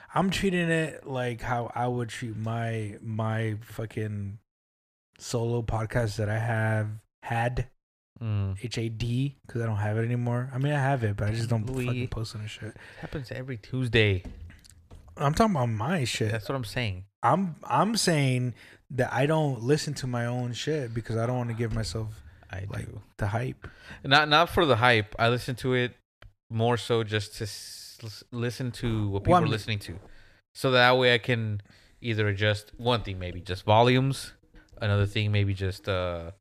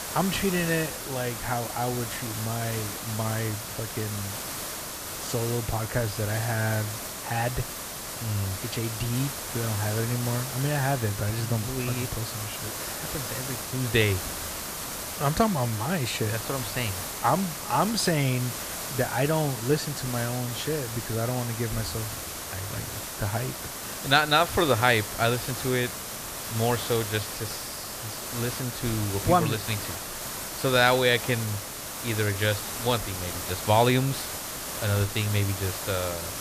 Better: first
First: none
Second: hiss; loud; throughout; 5 dB below the speech

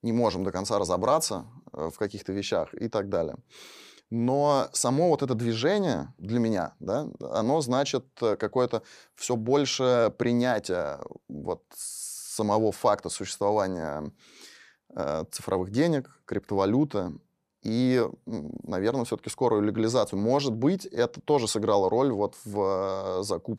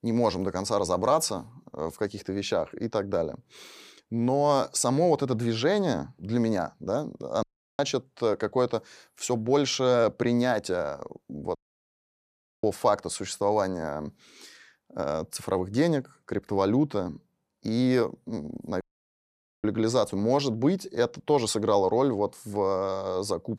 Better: first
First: none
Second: audio cutting out; at 7.5 s, at 12 s for 1 s and at 19 s for 1 s

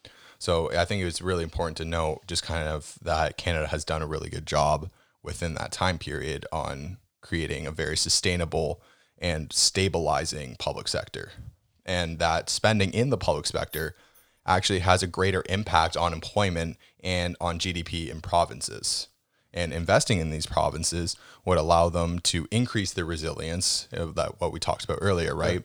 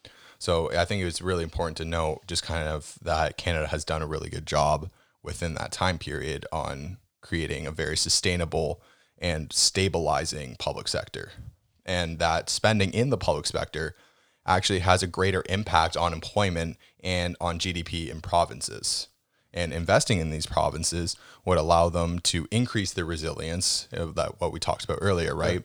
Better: second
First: jangling keys; faint; at 14 s; peak 15 dB below the speech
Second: none

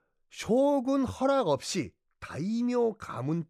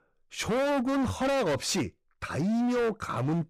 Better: first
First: none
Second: distortion; heavy; 28% of the sound clipped

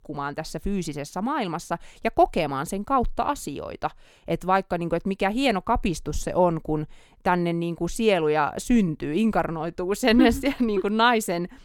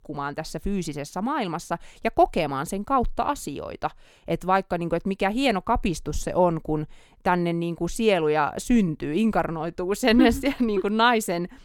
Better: neither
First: none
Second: none

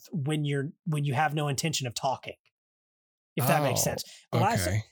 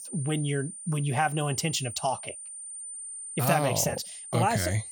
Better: first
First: none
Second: high-pitched whine; loud; throughout; 9 kHz, 10 dB below the speech

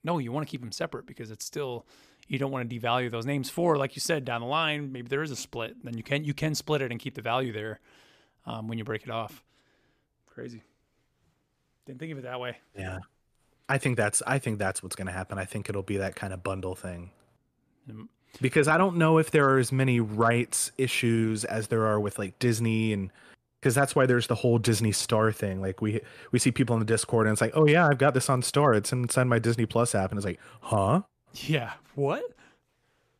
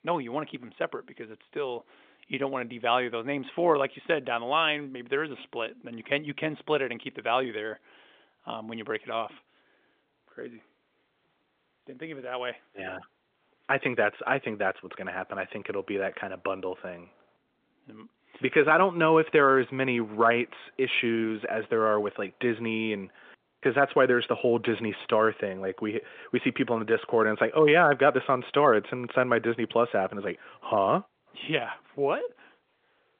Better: first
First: none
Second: phone-call audio; nothing above 3.5 kHz

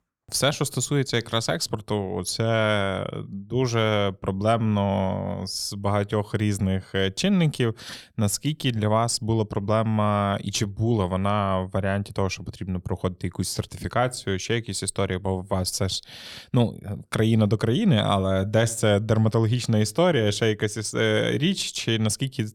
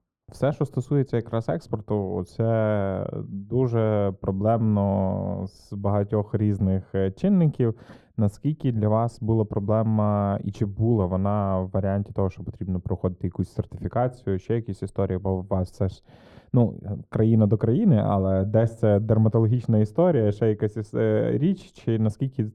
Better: first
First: none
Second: muffled; very; fading above 1.5 kHz

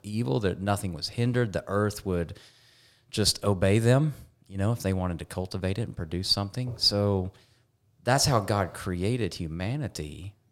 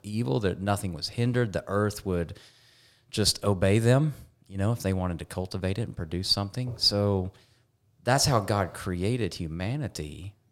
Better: neither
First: none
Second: none

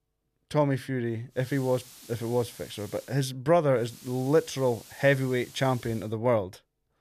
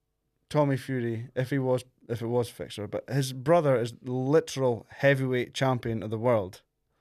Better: second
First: hiss; noticeable; from 1.5 to 3 s and from 4 to 6 s; 20 dB below the speech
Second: none

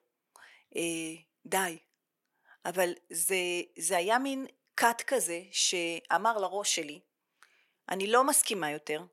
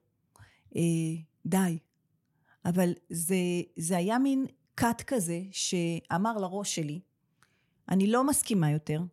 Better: second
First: thin; very; fading below 400 Hz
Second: none

